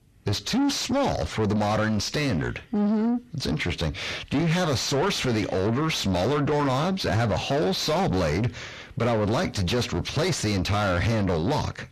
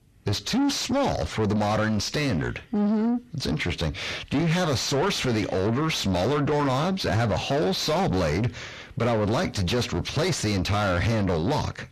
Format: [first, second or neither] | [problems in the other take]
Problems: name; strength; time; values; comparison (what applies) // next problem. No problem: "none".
neither | distortion; heavy; 6 dB below the speech; the same in both